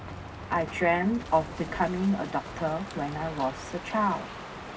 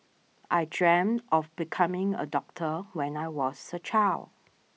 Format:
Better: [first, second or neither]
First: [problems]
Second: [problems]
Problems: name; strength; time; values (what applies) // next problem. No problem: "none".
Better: second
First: background sound (Crow); 10 dB below the speech // room echo; dies away in 0.4 s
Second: none